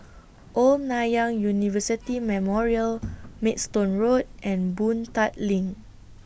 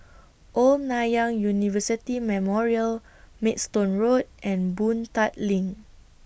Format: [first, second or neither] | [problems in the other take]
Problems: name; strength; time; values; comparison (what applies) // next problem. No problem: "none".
second | background sound (Sliding door + Thunder / Rain); 18 dB below the speech